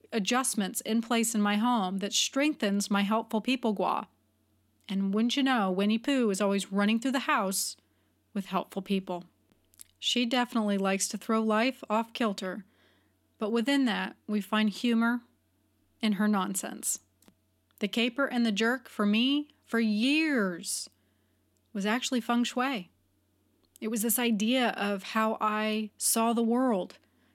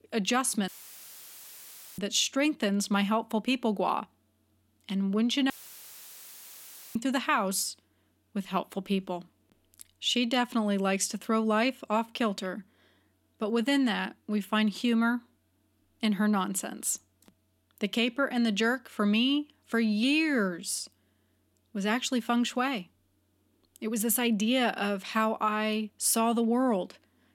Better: first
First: none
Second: audio cutting out; filled with static; at 0.5 s for 1.5 s and at 5.5 s for 1.5 s

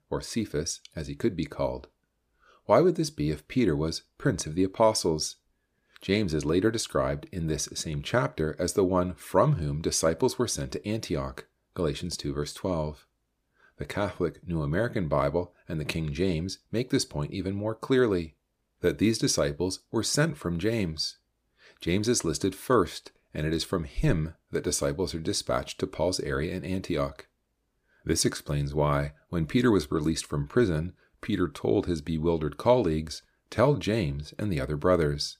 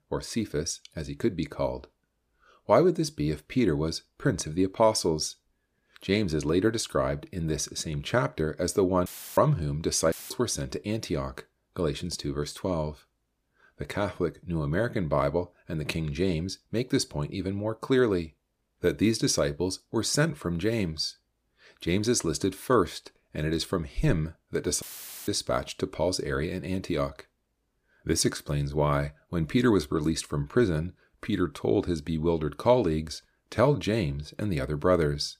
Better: first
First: none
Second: audio cutting out; filled with static; at 9 s, at 10 s and at 25 s

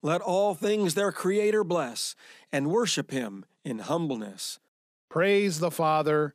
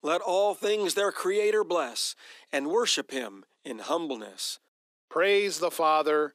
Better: first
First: none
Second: thin; somewhat; fading below 300 Hz

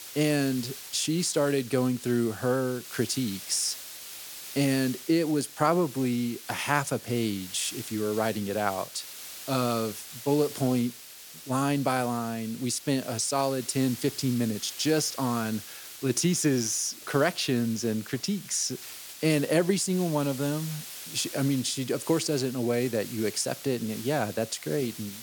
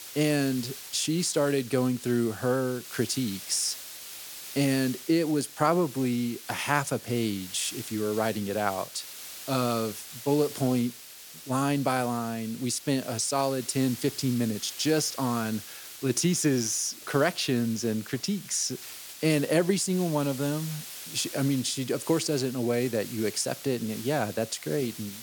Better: neither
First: hiss; noticeable; throughout; 10 dB below the speech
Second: hiss; noticeable; throughout; 10 dB below the speech

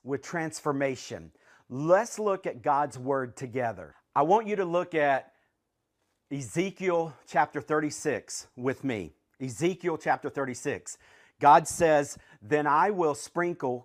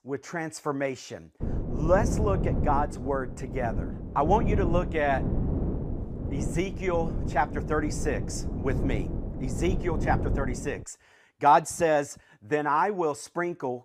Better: first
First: none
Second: wind noise on the microphone; occasional gusts; from 1.5 to 11 s; 10 dB below the speech

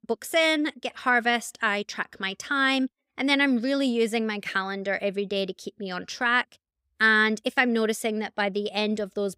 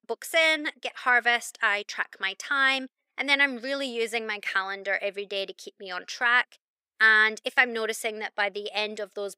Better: first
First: none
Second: thin; somewhat; fading below 500 Hz

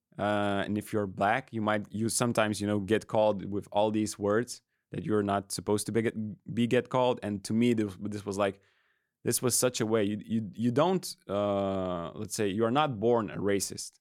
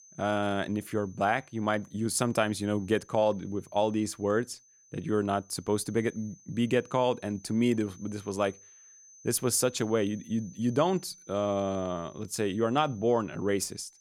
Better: first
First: none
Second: high-pitched whine; faint; throughout; 6 kHz, 25 dB below the speech

